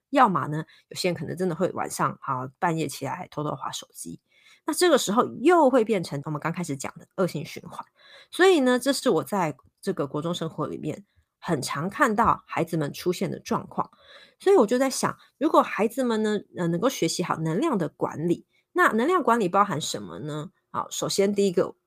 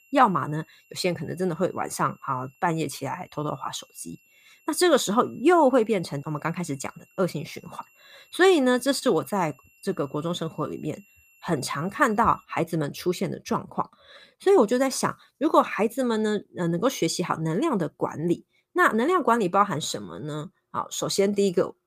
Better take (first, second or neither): first